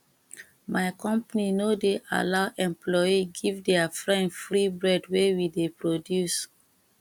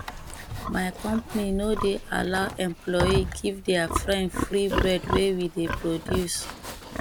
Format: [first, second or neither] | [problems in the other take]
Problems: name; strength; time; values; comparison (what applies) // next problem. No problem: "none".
first | background sound (Livestock, farm animals, working animals); 5 dB below the speech